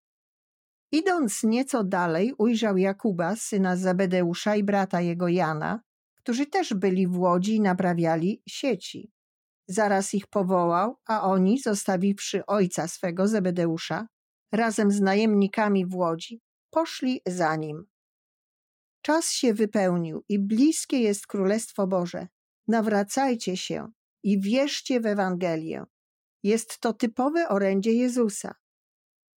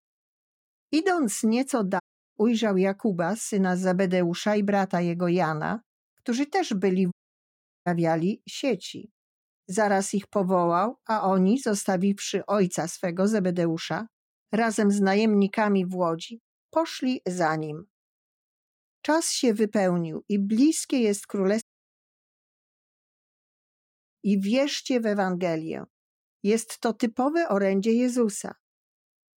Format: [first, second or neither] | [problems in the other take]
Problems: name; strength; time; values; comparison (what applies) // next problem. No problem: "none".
first | audio cutting out; at 2 s, at 7 s for 0.5 s and at 22 s for 2.5 s